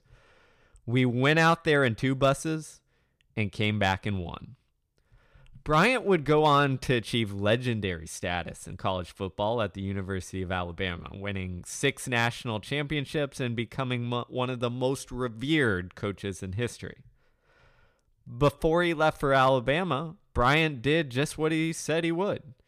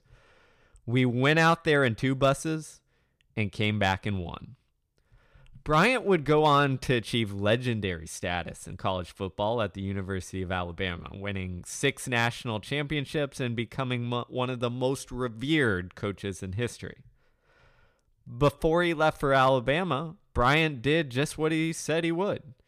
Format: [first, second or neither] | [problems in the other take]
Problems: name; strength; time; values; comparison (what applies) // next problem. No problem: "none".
neither | none